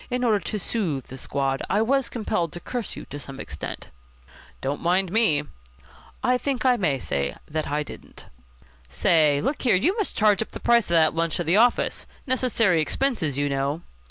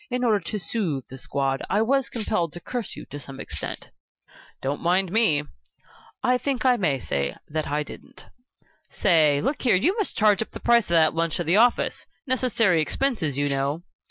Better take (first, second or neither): first